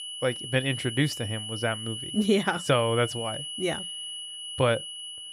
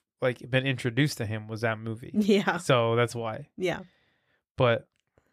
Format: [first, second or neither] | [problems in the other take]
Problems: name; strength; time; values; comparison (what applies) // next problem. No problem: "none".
second | high-pitched whine; loud; throughout; 3 kHz, 7 dB below the speech